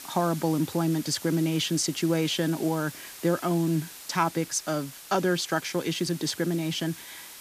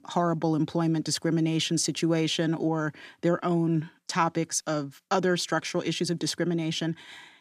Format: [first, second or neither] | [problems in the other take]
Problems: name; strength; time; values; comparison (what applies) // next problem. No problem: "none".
second | hiss; noticeable; throughout; 15 dB below the speech